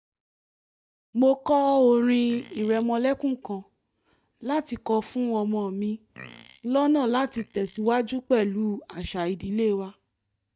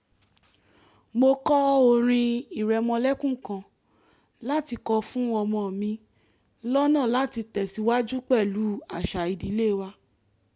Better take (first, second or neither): second